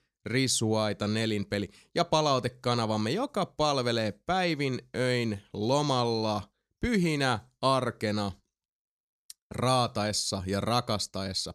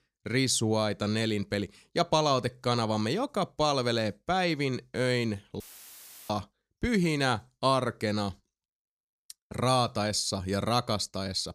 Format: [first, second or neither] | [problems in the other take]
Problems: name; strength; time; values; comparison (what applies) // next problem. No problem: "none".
first | audio cutting out; filled with static; at 5.5 s for 0.5 s